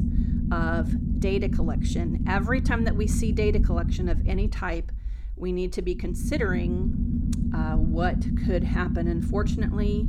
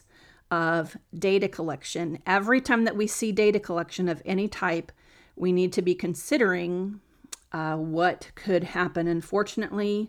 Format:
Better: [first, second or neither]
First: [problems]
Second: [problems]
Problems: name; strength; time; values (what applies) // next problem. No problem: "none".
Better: second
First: low rumble; loud; throughout; 5 dB below the speech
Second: none